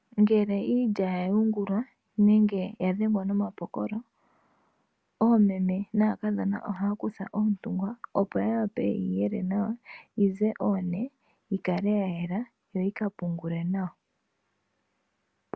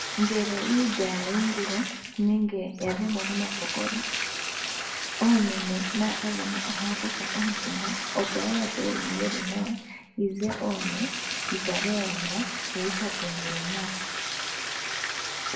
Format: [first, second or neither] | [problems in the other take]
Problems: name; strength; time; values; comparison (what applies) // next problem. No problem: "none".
first | background sound (Bathtub (filling or washing)); 3 dB below the speech // room echo; dies away in 0.7 s